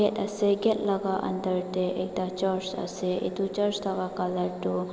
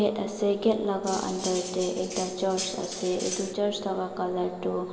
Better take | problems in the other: first | background sound (Cutlery, silverware); 9 dB below the speech // room echo; dies away in 0.6 s

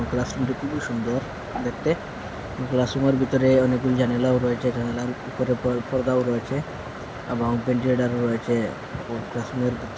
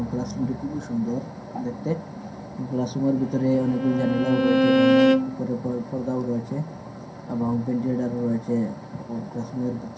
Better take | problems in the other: first | background sound (Bowed string instrument); 3 dB above the speech // room echo; dies away in 0.3 s

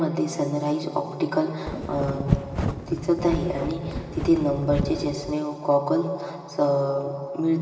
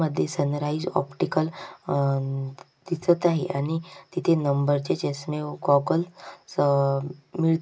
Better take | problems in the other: second | background sound (Wind); 4 dB below the speech // room echo; dies away in 2.7 s

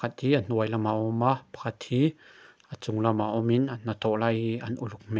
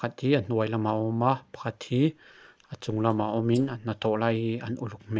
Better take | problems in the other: first | noise reduction (neural mask model Resemble Enhance denoiser)

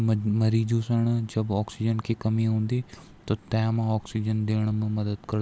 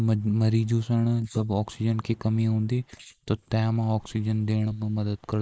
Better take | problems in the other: first | noise reduction (neural mask model Resemble Enhance denoiser)

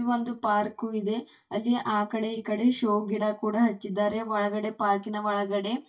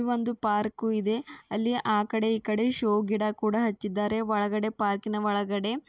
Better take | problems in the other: second | noise reduction (neural mask model DeepFilterNet 3)

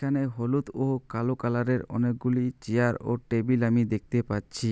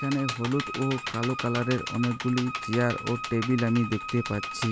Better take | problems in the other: first | background sound (Wind instrument, woodwind instrument + Computer keyboard); 7 dB below the speech

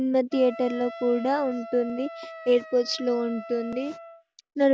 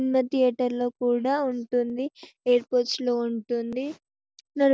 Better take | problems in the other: second | background sound (Wind instrument, woodwind instrument); 15 dB below the speech

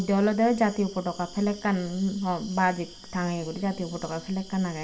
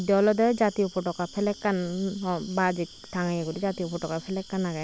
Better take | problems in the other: second | room echo; dies away in 0.4 s

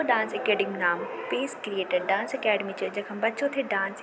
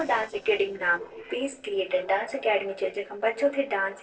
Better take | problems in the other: first | noise reduction (neural separator model SepFormer DNS4)

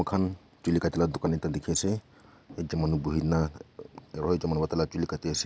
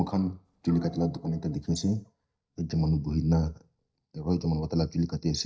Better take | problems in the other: first | noise reduction (neural mask model DeepFilterNet 3)

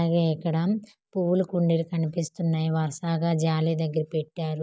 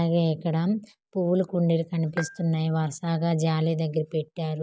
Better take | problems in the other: first | background sound (Dishes, pots, and pans / Chink, clink); 14 dB below the speech

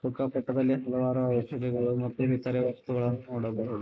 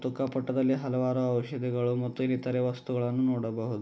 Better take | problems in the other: second | noise reduction (neural mask model Resemble Enhance denoiser)

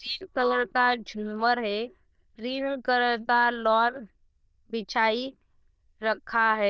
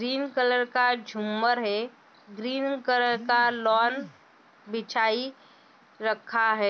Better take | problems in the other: second | noise reduction (neural diffusion model UNIVERSE++)

